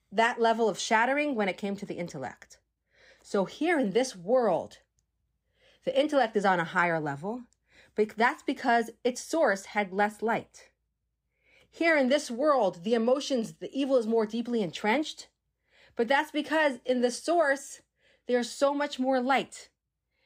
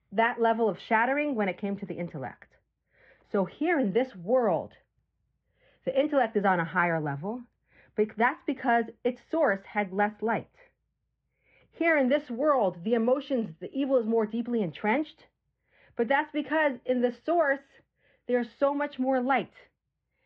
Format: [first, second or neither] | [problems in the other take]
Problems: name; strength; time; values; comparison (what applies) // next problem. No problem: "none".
first | muffled; very; fading above 2.5 kHz